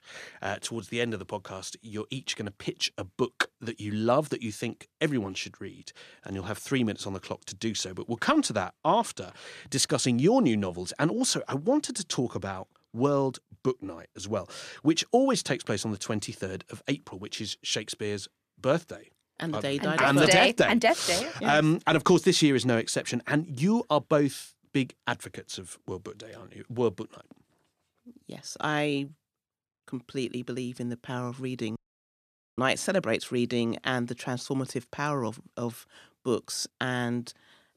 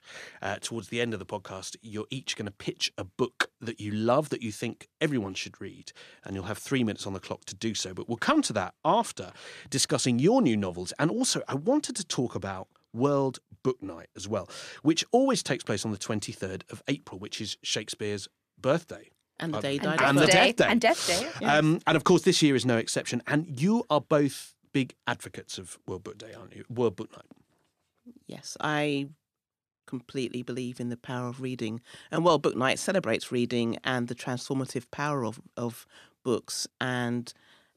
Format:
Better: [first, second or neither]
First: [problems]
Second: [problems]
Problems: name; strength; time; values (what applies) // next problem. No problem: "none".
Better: second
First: audio cutting out; at 32 s for 1 s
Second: none